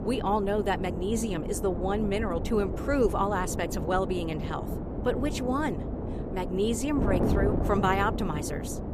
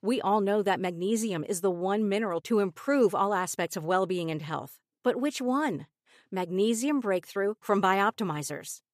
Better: second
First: wind noise on the microphone; heavy; 7 dB below the speech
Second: none

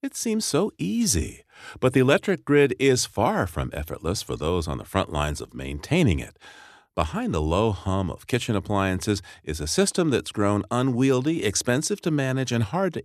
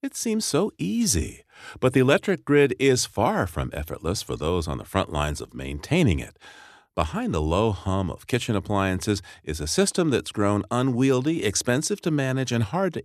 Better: neither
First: none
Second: none

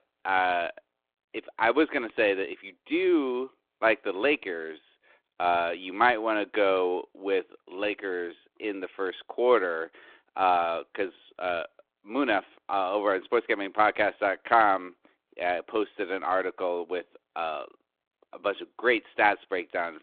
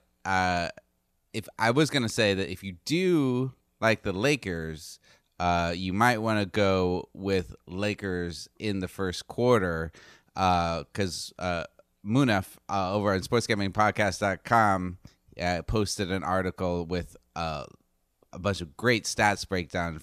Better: second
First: phone-call audio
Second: none

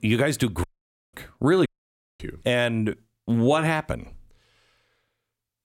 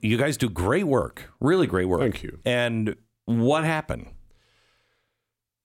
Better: second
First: audio cutting out; at 0.5 s and at 1.5 s for 0.5 s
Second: none

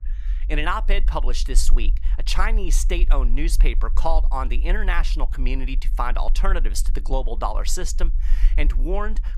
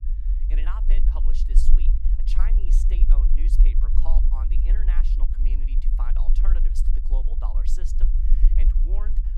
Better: first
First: low rumble; faint; throughout; 20 dB below the speech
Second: low rumble; loud; throughout; 3 dB below the speech

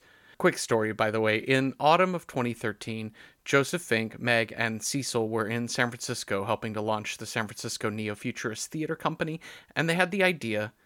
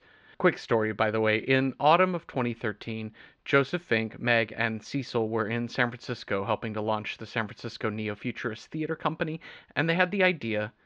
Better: first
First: none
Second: muffled; slightly; fading above 4 kHz

